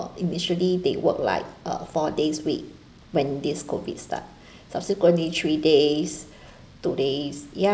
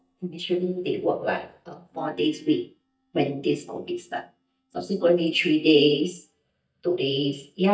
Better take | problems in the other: first | noise reduction (neural mask model DeepFilterNet 3)

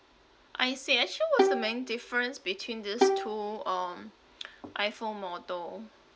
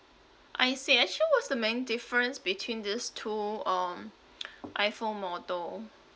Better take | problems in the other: second | background sound (Bowed string instrument); 2 dB above the speech

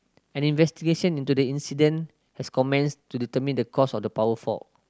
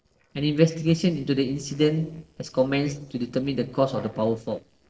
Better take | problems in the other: first | noise reduction (neural separator model SepFormer DNS4)

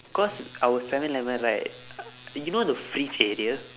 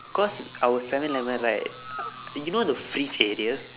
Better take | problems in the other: first | background sound (Chirp, tweet); 15 dB below the speech

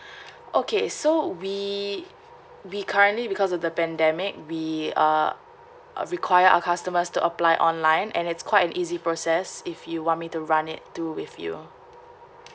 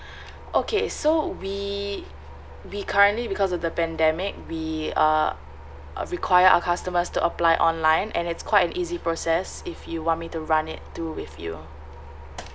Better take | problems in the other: first | background sound (Mechanical fan); 15 dB below the speech

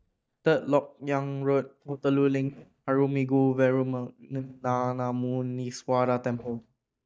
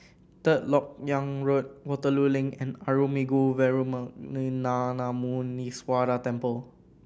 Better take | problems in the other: second | noise reduction (neural mask model DeepFilterNet 3)

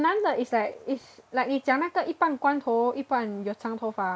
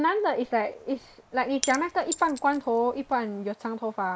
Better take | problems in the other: first | noise reduction (neural mask model Resemble Enhance denoiser)

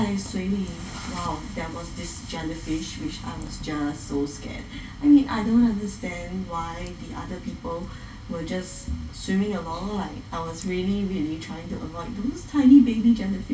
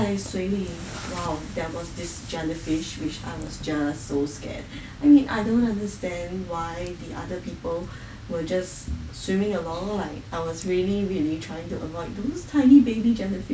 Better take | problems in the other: second | room echo; dies away in 0.4 s

